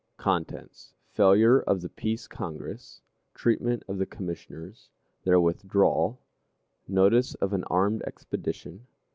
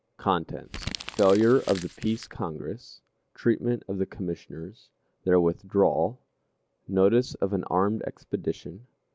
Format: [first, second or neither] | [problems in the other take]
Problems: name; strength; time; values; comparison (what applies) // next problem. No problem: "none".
first | background sound (Crumpling, crinkling); 13 dB below the speech